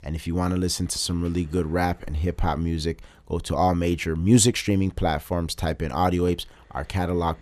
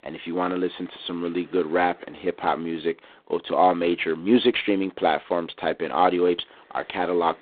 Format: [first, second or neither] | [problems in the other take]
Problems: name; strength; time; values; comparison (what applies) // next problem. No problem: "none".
first | phone-call audio; poor line; nothing above 3.5 kHz